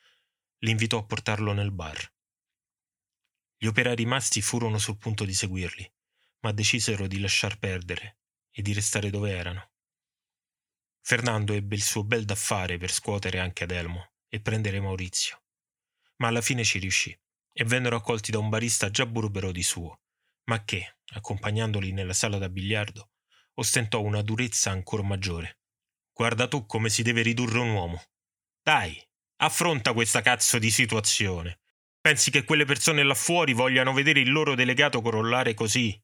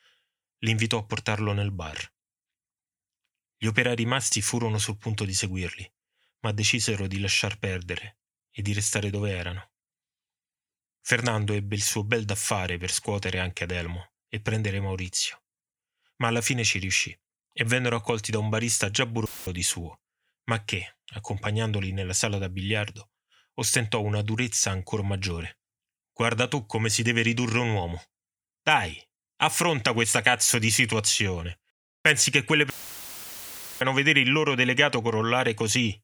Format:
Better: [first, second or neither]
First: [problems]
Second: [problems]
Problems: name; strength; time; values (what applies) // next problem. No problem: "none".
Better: first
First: none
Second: audio cutting out; filled with static; at 19 s and at 33 s for 1 s